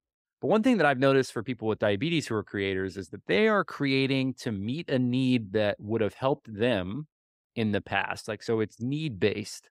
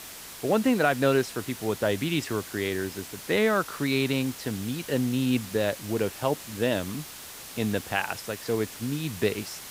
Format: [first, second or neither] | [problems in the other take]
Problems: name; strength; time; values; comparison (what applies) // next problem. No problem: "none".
first | hiss; noticeable; throughout; 10 dB below the speech